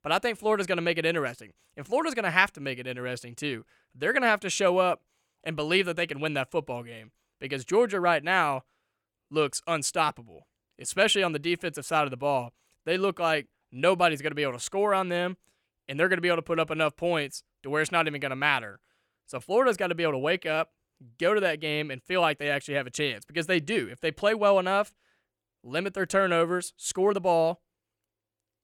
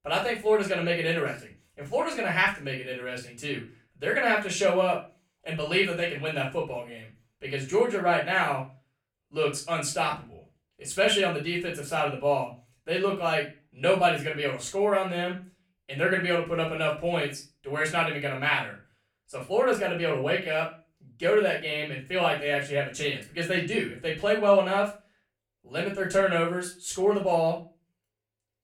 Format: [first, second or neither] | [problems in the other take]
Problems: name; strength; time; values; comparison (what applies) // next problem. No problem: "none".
first | off-mic speech; far // room echo; slight; dies away in 0.3 s